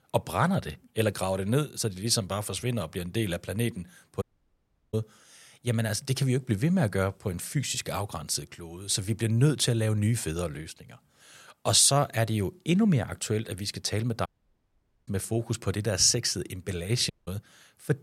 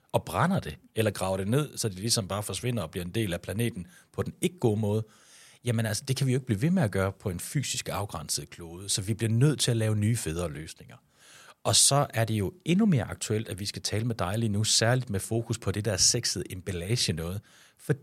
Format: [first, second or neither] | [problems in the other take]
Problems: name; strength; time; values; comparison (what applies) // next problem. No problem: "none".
second | audio cutting out; at 4 s for 0.5 s, at 14 s for 1 s and at 17 s